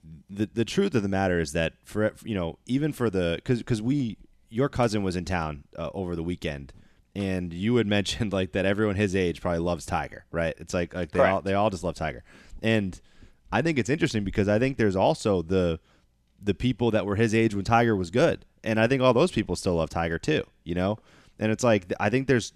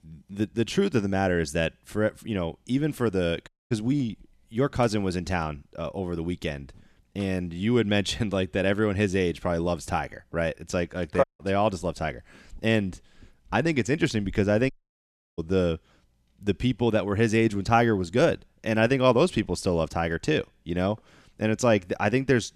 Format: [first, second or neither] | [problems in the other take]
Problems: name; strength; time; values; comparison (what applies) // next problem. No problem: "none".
first | audio cutting out; at 3.5 s, at 11 s and at 15 s for 0.5 s